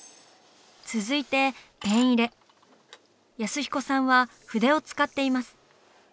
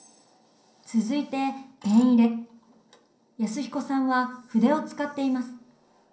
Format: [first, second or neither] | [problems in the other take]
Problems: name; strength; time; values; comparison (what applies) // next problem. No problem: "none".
first | room echo; dies away in 0.6 s